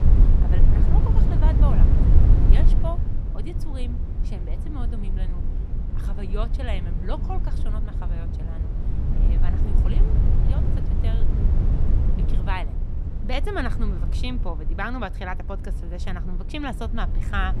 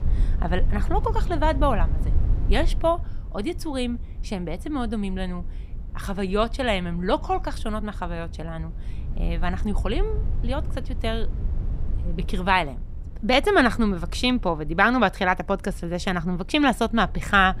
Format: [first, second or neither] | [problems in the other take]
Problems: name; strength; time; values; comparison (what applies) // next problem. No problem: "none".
second | low rumble; loud; throughout; 4 dB below the speech; faint in the second